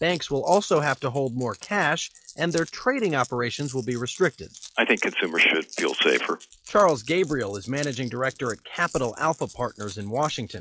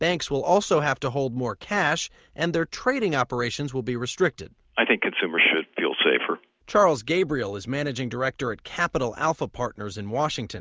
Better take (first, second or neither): second